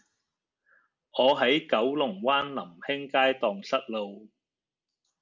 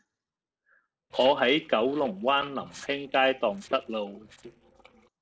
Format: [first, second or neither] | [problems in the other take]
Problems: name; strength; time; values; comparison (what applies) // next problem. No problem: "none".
first | noise reduction (neural separator model SepFormer DNS4)